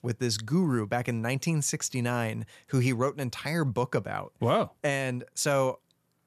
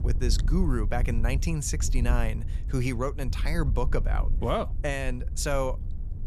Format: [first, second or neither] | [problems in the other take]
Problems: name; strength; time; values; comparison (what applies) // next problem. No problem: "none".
first | wind noise on the microphone; occasional gusts; 15 dB below the speech